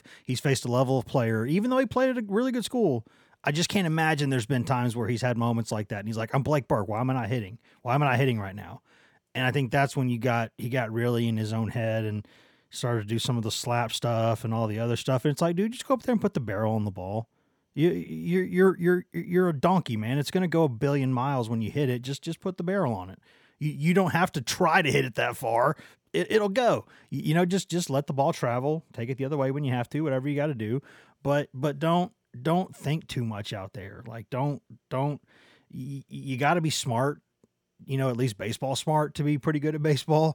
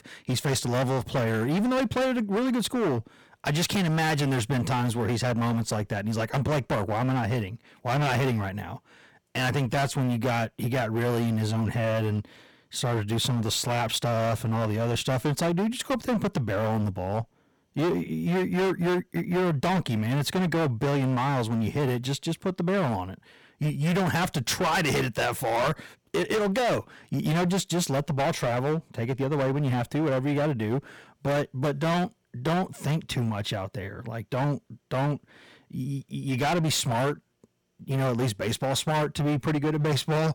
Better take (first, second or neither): first